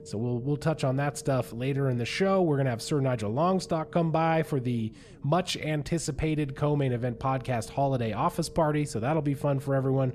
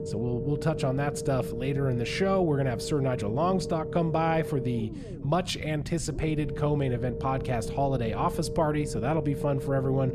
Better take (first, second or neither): first